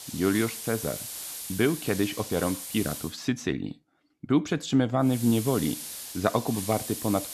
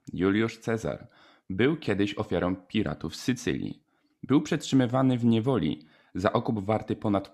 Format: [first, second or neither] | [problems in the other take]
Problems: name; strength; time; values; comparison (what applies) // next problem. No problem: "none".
second | hiss; loud; until 3 s and from 5 s on; 8 dB below the speech